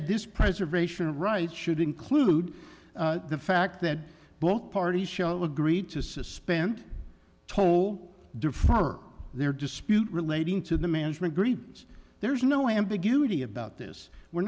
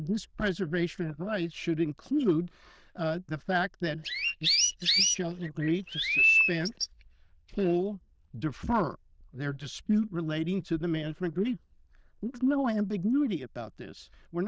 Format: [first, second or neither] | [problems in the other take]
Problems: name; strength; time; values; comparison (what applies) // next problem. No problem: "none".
first | noise reduction (neural diffusion model UNIVERSE++)